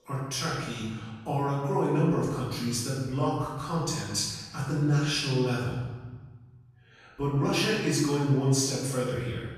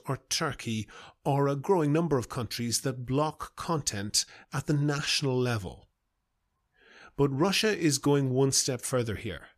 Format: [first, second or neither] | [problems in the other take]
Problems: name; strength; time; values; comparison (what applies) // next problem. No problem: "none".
second | off-mic speech; far // room echo; strong; dies away in 1.2 s